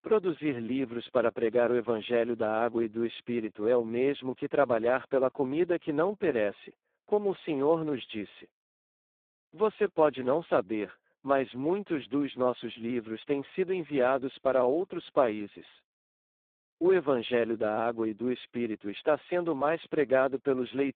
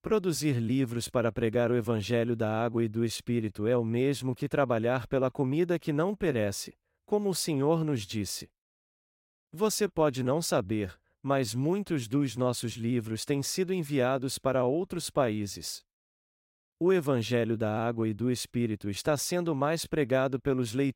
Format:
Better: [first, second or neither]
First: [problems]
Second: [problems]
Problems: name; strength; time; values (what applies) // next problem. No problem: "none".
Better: second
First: phone-call audio; poor line; nothing above 3.5 kHz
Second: none